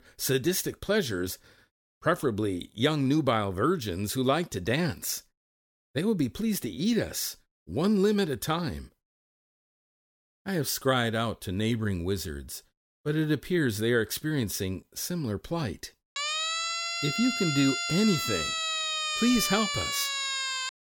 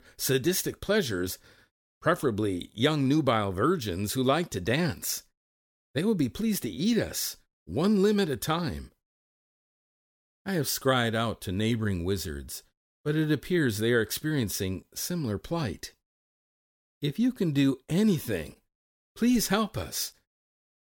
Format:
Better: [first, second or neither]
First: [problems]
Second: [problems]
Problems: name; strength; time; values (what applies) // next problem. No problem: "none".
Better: second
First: siren; loud; from 16 s on; peak 1 dB above the speech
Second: none